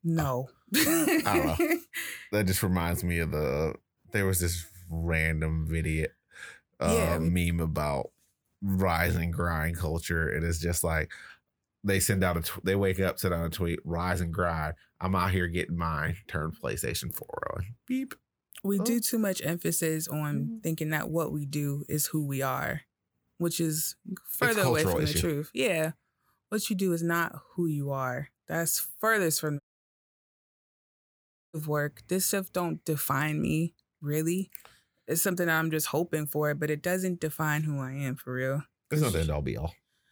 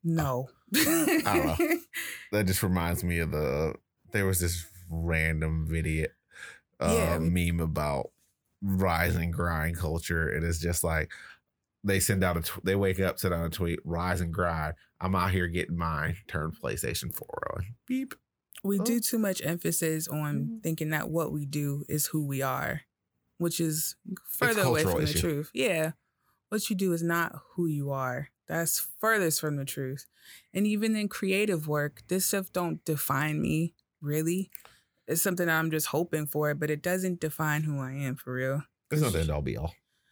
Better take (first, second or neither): second